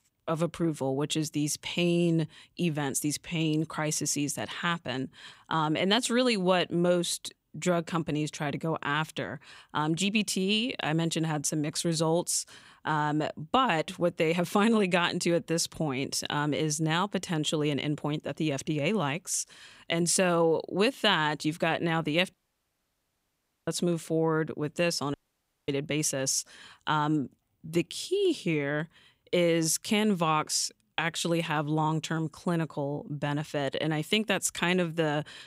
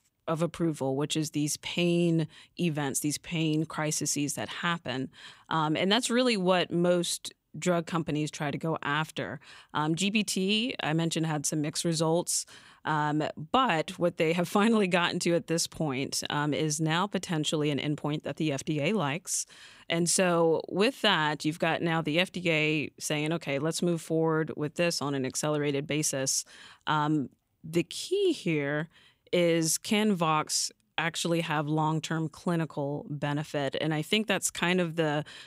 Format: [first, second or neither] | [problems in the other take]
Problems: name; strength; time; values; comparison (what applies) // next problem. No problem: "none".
second | audio cutting out; at 22 s for 1.5 s and at 25 s for 0.5 s